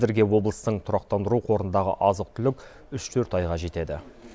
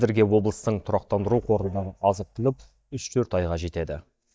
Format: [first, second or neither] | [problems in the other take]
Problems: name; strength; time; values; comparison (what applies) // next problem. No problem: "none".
first | noise reduction (neural mask model DeepFilterNet 3)